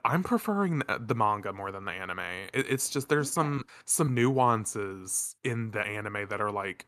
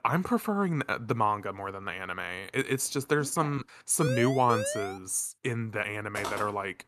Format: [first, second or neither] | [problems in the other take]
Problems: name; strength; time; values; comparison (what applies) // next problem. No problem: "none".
first | siren; noticeable; at 4 s; peak 3 dB below the speech // footsteps; noticeable; at 6 s; peak 7 dB below the speech